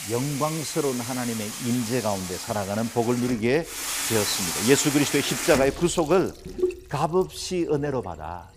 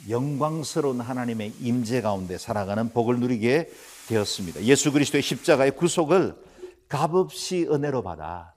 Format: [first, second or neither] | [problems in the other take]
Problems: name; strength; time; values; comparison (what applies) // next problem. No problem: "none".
second | household noises; loud; throughout; 5 dB below the speech; faint in the second